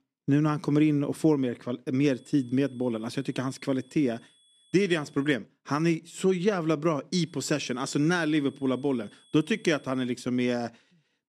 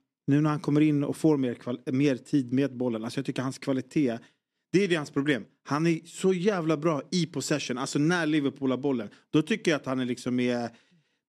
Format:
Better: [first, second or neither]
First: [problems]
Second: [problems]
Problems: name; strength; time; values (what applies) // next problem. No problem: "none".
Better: second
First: high-pitched whine; faint; from 2 to 5.5 s and from 7.5 to 10 s; 3.5 kHz, 30 dB below the speech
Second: none